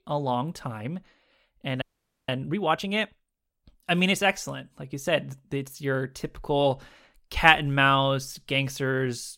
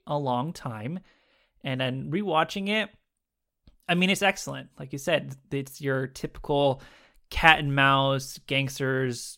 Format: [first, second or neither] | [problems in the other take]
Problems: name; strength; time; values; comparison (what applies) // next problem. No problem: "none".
second | audio freezing; at 2 s